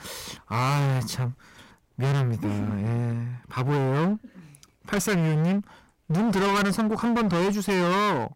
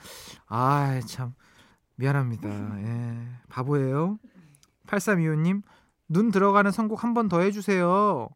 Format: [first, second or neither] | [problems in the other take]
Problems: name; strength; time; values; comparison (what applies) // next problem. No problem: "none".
second | distortion; heavy; 28% of the sound clipped